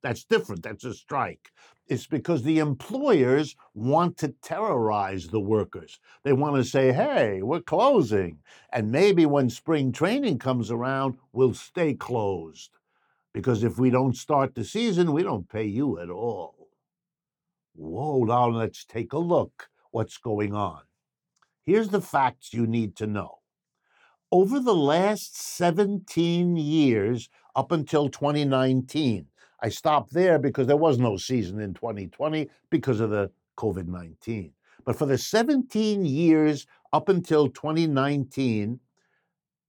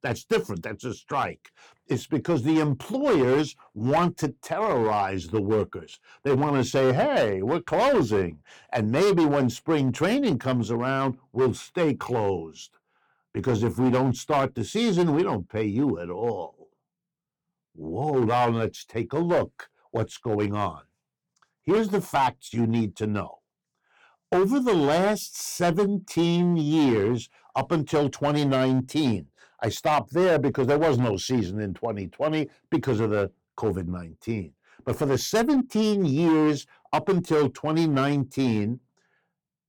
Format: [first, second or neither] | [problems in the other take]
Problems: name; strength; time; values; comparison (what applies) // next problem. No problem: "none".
first | distortion; slight; 8% of the sound clipped